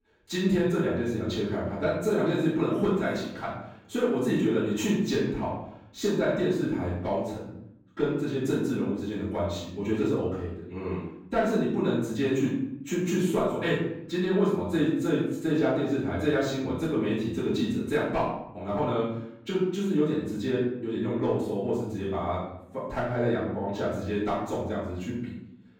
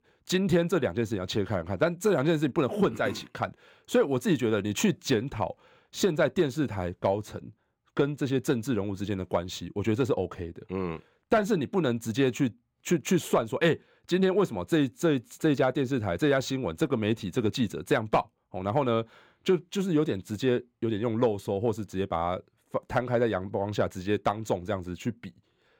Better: second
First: off-mic speech; far // room echo; noticeable; dies away in 0.7 s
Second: none

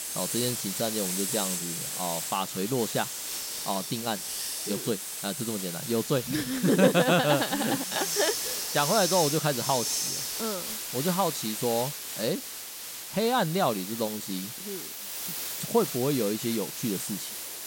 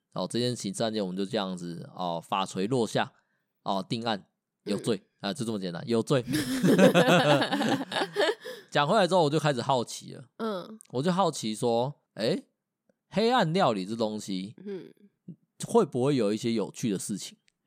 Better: second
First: hiss; loud; throughout; 3 dB below the speech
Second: none

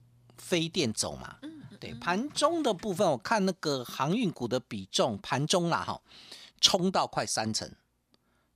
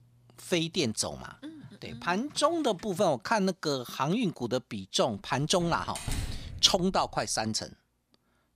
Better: first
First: none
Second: door banging; noticeable; from 5.5 to 7 s; peak 7 dB below the speech

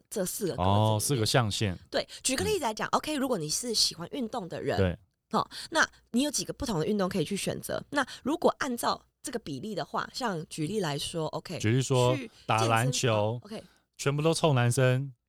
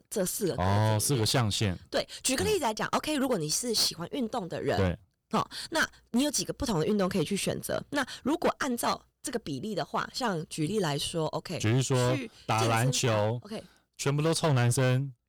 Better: first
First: none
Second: distortion; slight; 7% of the sound clipped

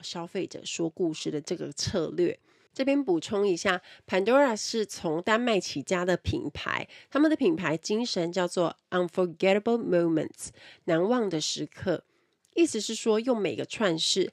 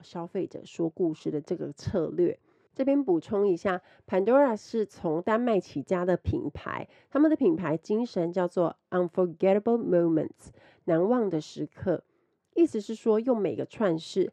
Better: first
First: none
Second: muffled; very; fading above 2 kHz

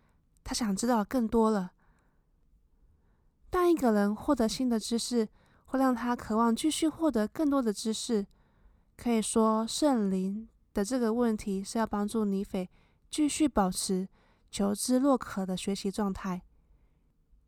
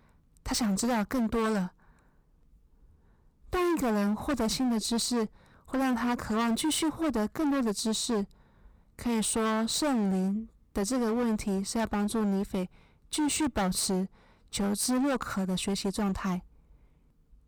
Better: first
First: none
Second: distortion; heavy; 19% of the sound clipped

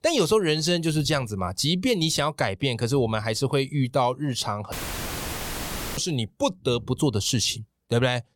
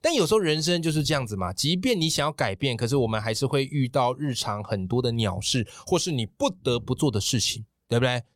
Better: second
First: audio cutting out; filled with static; at 4.5 s for 1.5 s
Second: none

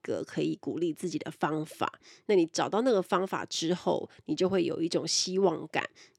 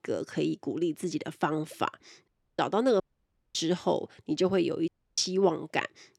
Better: first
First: none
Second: audio cutting out; at 2.5 s, at 3 s for 0.5 s and at 5 s

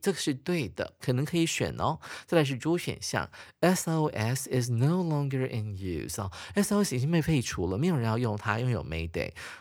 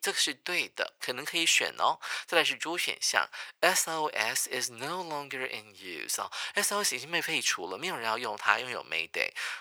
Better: first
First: none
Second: thin; very; fading below 800 Hz

